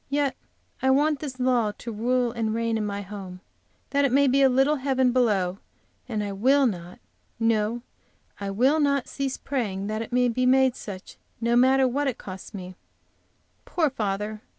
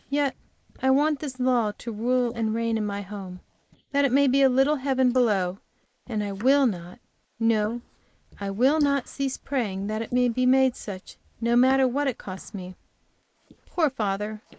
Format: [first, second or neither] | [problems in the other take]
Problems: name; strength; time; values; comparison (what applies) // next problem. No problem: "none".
first | noise reduction (neural mask model Resemble Enhance denoiser)